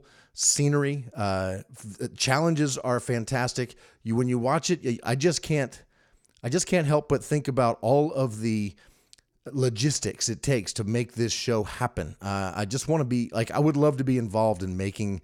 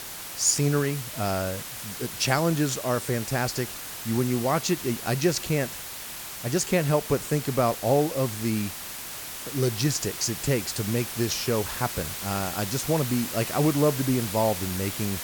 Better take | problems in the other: first | hiss; loud; throughout; 7 dB below the speech

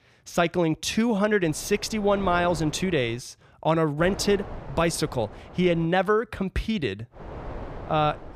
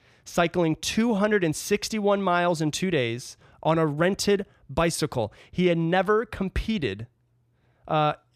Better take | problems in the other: second | wind noise on the microphone; occasional gusts; from 1.5 to 3 s, from 4 to 6 s and from 7 s on; 15 dB below the speech

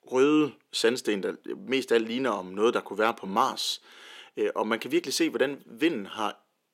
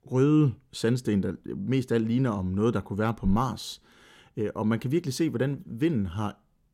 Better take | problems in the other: second | thin; somewhat; fading below 350 Hz

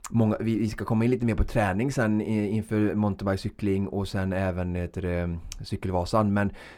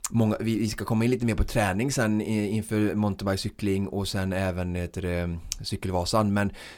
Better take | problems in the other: second | muffled; slightly; fading above 3 kHz

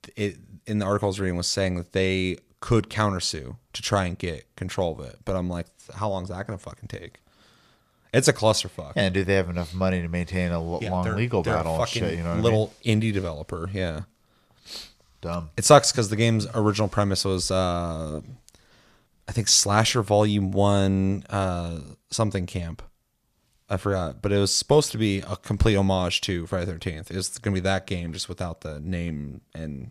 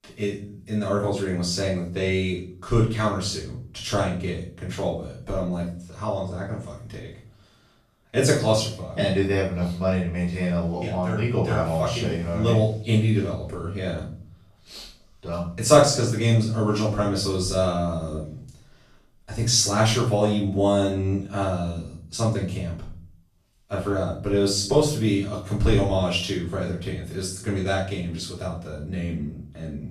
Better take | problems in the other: first | off-mic speech; far // room echo; noticeable; dies away in 0.4 s

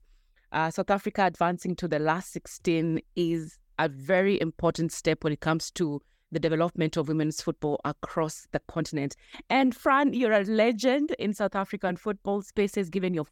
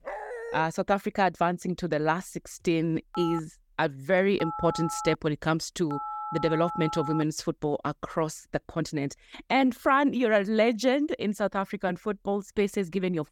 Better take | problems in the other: first | dog barking; noticeable; at the start; peak 9 dB below the speech // phone ringing; noticeable; from 3 to 7 s; peak 7 dB below the speech

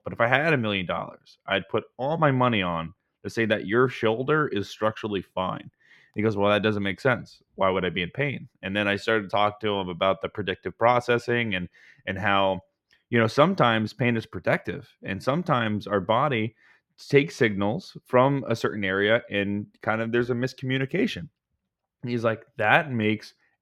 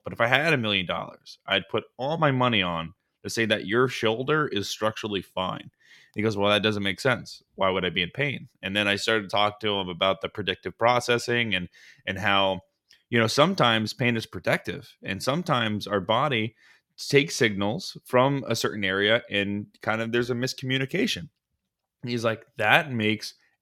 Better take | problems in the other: second | muffled; slightly; fading above 3 kHz

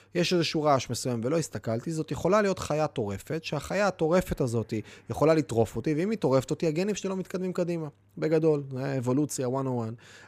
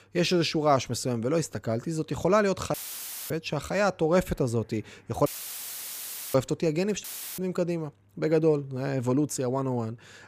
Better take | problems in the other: first | audio cutting out; filled with static; at 2.5 s for 0.5 s, at 5.5 s for 1 s and at 7 s

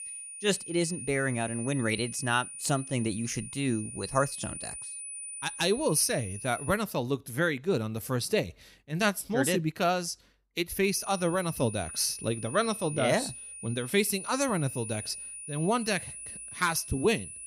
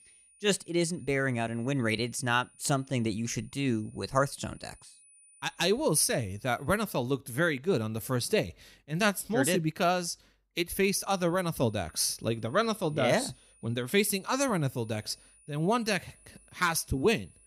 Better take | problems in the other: second | high-pitched whine; loud; until 6.5 s and from 11 s on; 9.5 kHz, 10 dB below the speech; faint in the second

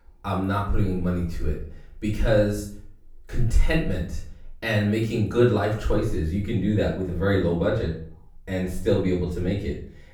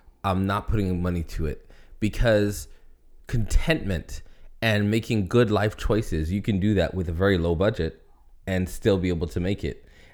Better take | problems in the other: second | off-mic speech; far // room echo; noticeable; dies away in 0.4 s

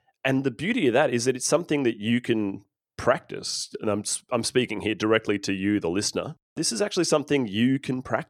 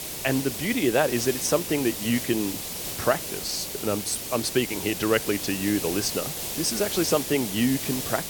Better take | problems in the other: first | hiss; loud; throughout; 4 dB below the speech

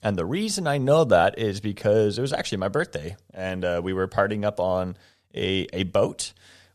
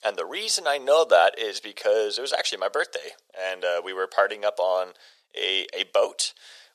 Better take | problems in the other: first | thin; very; fading below 500 Hz

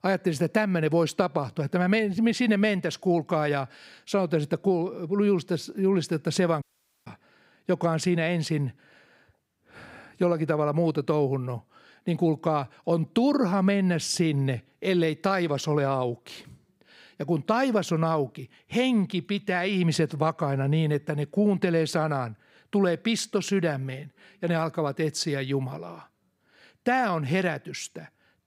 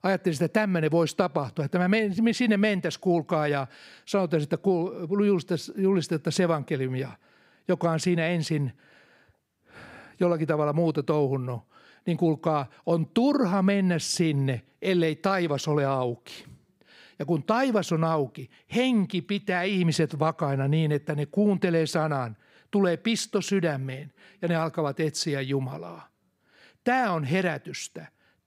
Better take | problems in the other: second | audio cutting out; at 6.5 s

